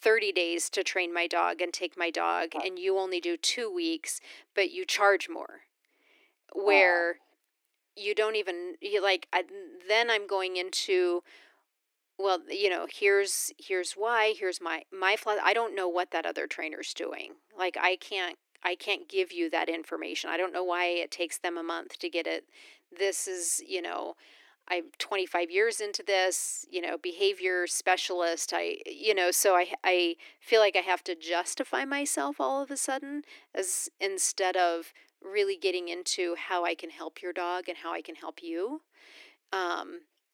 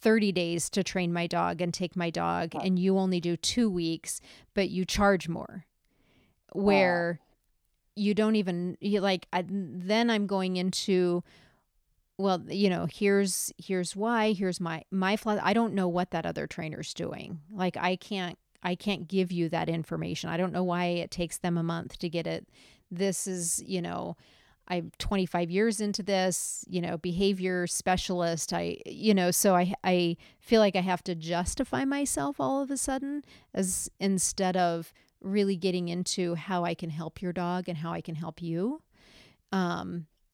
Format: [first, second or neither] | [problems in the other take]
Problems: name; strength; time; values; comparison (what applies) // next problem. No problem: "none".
second | thin; very; fading below 300 Hz